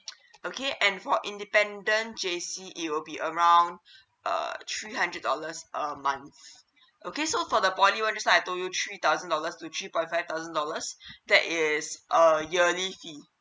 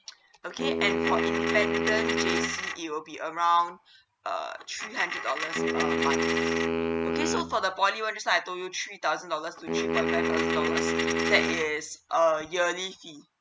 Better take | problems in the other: first | background sound (Wind instrument, woodwind instrument + Coin (dropping)); 1 dB above the speech

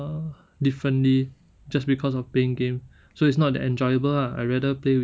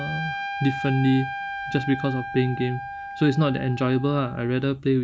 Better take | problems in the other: first | background sound (Trumpet); 9 dB below the speech

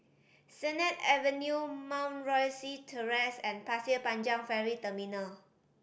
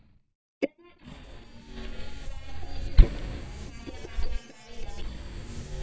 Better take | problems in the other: first | noise reduction (neural mask model DeepFilterNet 3)

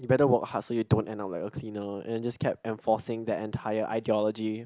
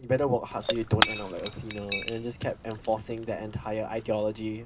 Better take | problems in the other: first | background sound (Shatter / Crushing); 5 dB below the speech // room echo; dies away in 0.2 s

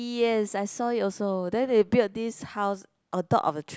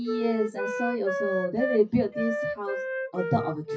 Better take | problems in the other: first | noise reduction (classical method WPE with log-MMSE)

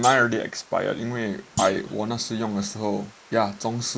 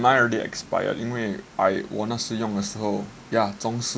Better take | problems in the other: second | noise reduction (neural mask model Resemble Enhance denoiser)

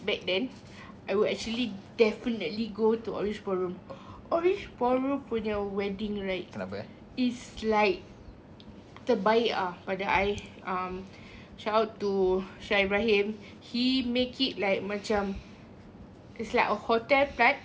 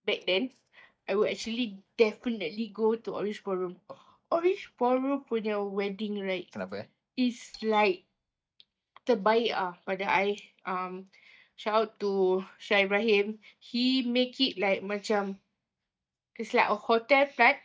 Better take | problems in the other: first | noise reduction (neural mask model DeepFilterNet 3)

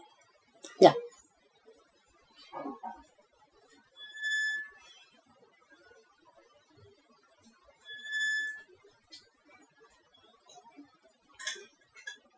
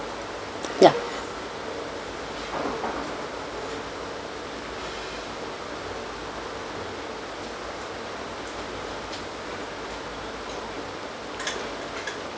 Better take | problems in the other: second | noise reduction (classical method Wiener filter)

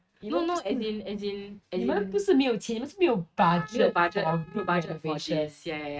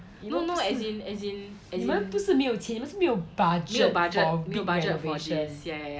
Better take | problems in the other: second | noise reduction (neural mask model RNNoise)

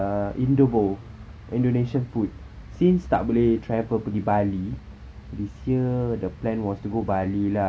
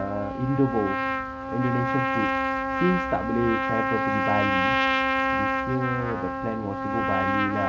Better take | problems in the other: first | background sound (Trumpet); 2 dB above the speech

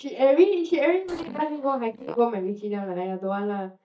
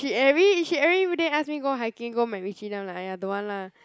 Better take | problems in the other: second | noise reduction (neural mask model DeepFilterNet 3)

